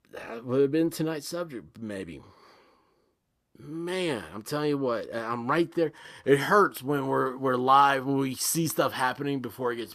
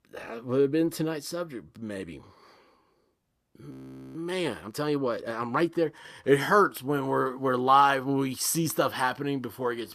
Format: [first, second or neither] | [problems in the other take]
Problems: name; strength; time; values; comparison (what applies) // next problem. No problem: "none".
first | audio freezing; at 3.5 s